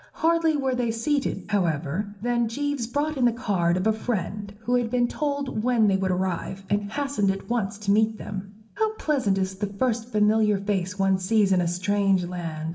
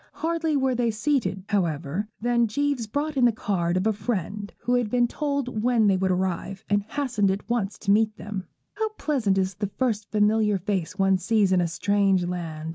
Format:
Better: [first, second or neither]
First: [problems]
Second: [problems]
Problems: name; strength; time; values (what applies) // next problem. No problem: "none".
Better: second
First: room echo; dies away in 0.7 s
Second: none